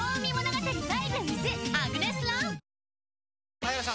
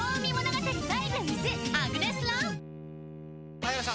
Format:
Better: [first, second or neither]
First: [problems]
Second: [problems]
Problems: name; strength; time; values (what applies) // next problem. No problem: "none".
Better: first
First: none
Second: background sound (Bowed string instrument); 11 dB below the speech